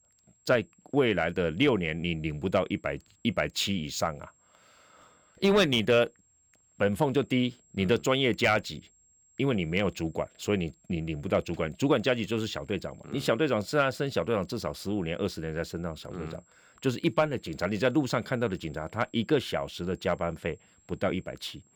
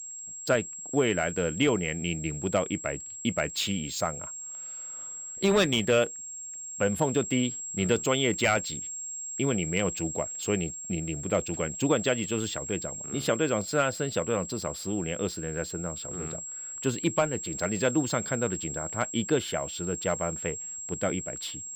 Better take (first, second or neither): first